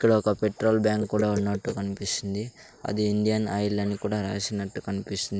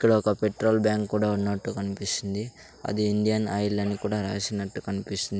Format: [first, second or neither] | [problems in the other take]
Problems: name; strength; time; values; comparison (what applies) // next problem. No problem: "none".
second | noise reduction (neural mask model Resemble Enhance denoiser)